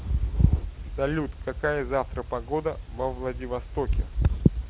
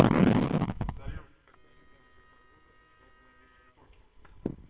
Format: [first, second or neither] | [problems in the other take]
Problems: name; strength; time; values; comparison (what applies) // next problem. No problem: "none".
first | noise reduction (neural separator model SepFormer WHAMR!)